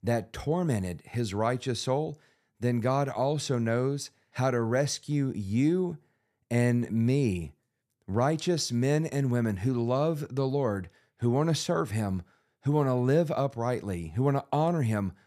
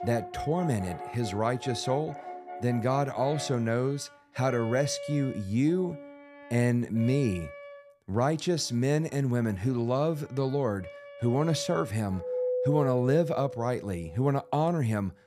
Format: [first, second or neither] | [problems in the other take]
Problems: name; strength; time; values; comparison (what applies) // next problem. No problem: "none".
first | background music; loud; throughout; 10 dB below the speech